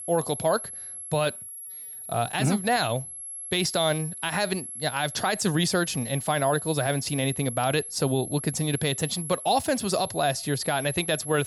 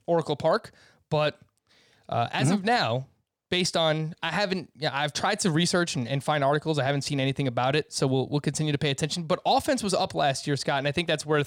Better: second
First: high-pitched whine; loud; throughout; 11 kHz, 8 dB below the speech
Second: none

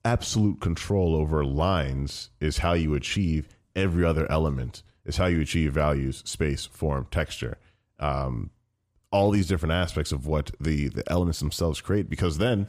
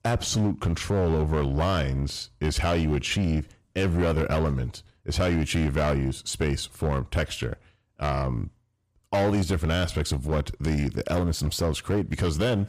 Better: first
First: none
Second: distortion; slight; 11% of the sound clipped

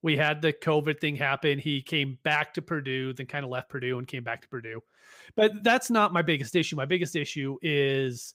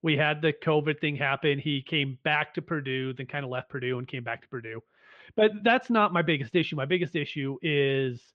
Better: first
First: none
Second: muffled; very; fading above 3 kHz

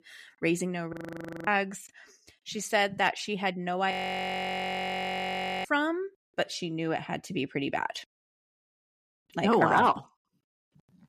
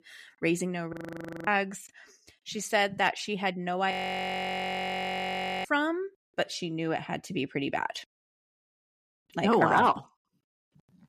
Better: neither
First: audio freezing; at 1 s for 0.5 s and at 4 s for 1.5 s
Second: audio freezing; at 1 s for 0.5 s and at 4 s for 1.5 s

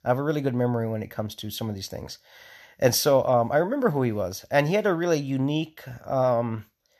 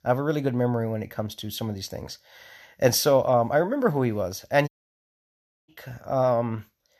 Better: first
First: none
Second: audio cutting out; at 4.5 s for 1 s

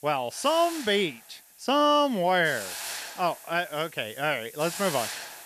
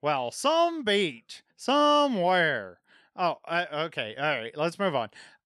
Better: second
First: hiss; noticeable; throughout; 10 dB below the speech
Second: none

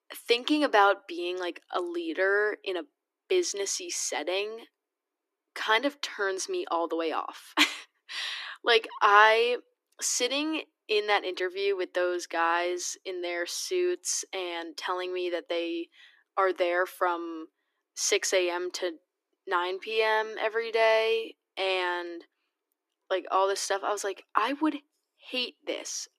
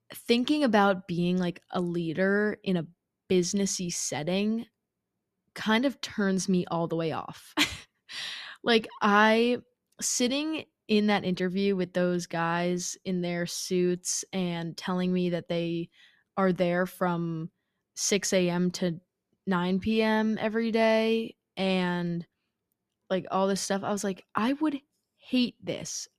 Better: second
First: thin; very; fading below 300 Hz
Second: none

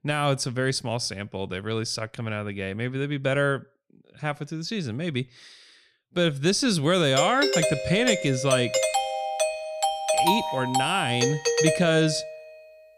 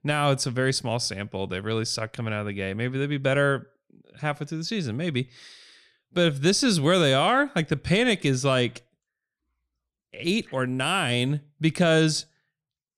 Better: second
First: doorbell; loud; from 7 to 12 s; peak 3 dB above the speech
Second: none

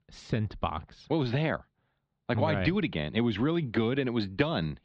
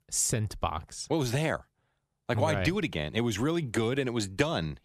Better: second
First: muffled; slightly; fading above 4 kHz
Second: none

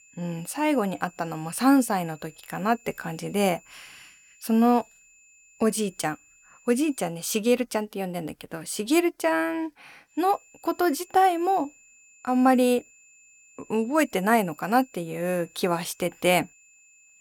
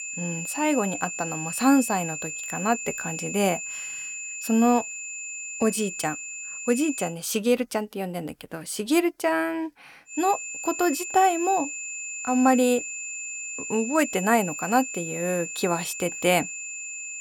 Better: first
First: high-pitched whine; faint; until 7 s and from 10 s on; 7 kHz, 30 dB below the speech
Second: high-pitched whine; loud; until 7 s and from 10 s on; 7 kHz, 7 dB below the speech

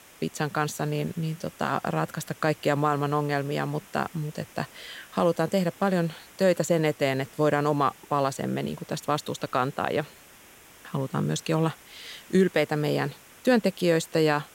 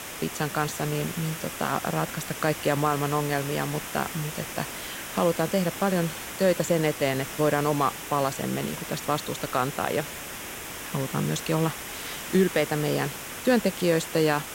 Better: first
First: hiss; faint; throughout; 20 dB below the speech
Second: hiss; loud; throughout; 8 dB below the speech

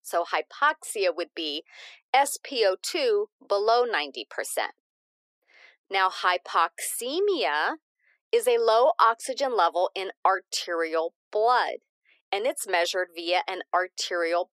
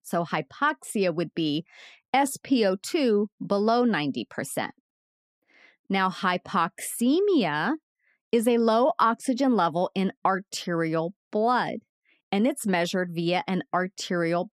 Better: second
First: thin; very; fading below 400 Hz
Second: none

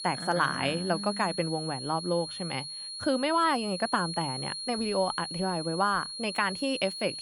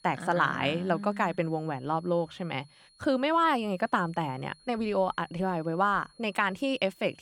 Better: second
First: high-pitched whine; loud; throughout; 4.5 kHz, 6 dB below the speech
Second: high-pitched whine; faint; throughout; 4.5 kHz, 30 dB below the speech

